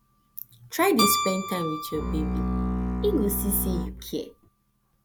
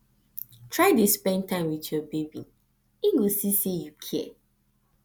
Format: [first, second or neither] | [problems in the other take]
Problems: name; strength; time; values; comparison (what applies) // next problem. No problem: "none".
second | background sound (Keyboard (musical) + Bowed string instrument); 1 dB below the speech